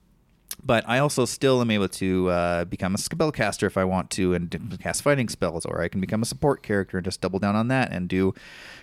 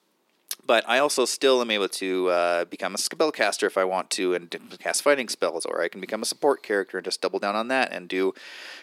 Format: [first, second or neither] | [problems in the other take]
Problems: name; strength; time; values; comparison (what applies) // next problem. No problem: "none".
first | thin; somewhat; fading below 300 Hz